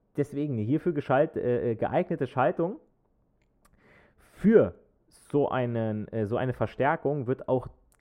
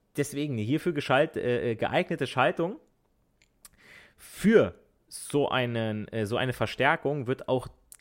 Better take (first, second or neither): second